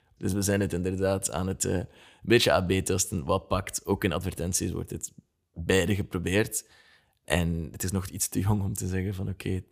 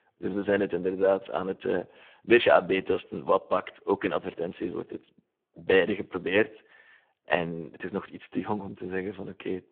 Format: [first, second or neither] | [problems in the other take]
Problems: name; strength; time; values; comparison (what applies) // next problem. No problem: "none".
first | phone-call audio; poor line